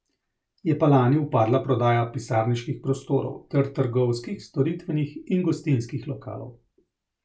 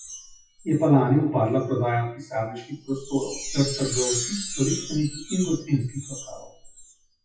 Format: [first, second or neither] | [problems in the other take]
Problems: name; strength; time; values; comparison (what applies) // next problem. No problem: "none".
first | noise reduction (classical method WPE with log-MMSE)